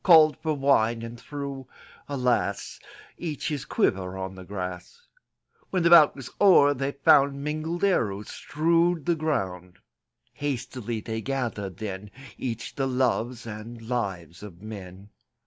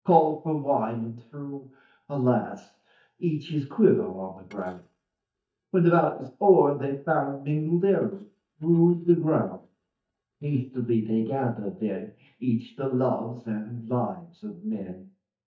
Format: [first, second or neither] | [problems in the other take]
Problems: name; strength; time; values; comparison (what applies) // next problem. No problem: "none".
first | noise reduction (neural mask model DeepFilterNet 3)